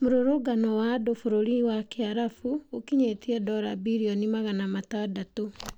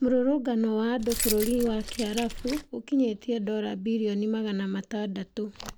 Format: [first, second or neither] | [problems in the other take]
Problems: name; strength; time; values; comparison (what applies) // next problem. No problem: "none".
first | background sound (Keys jangling); 7 dB below the speech